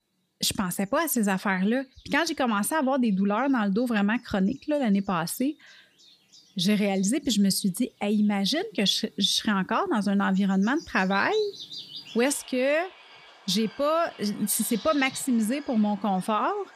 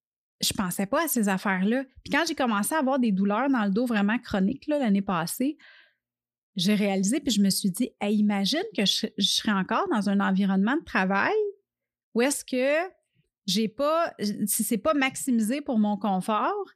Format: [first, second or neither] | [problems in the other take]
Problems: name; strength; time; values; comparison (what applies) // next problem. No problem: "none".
second | animal sounds; noticeable; throughout; 20 dB below the speech